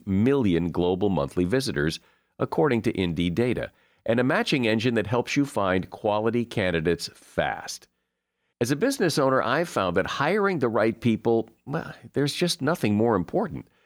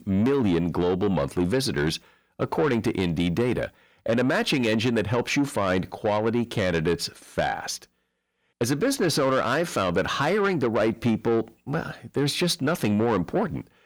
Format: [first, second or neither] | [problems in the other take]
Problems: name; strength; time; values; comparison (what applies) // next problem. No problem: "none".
first | distortion; slight; 10 dB below the speech